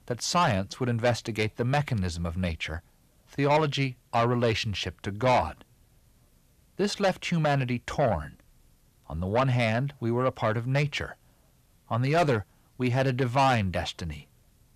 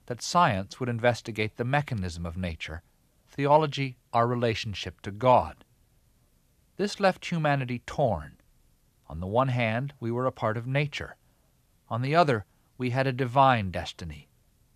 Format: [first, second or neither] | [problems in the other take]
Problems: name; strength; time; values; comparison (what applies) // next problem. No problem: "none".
second | distortion; heavy; 8 dB below the speech